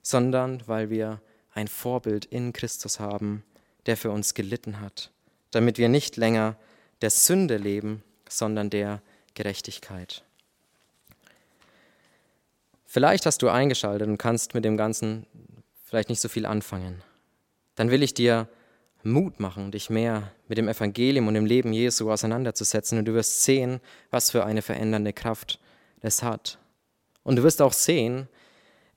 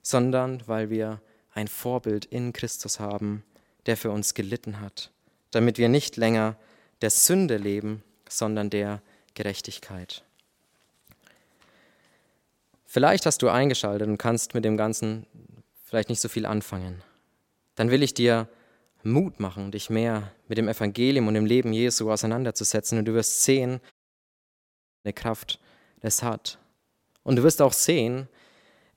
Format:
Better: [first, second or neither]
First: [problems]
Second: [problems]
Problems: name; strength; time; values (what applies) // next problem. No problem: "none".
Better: first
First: none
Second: audio cutting out; at 24 s for 1 s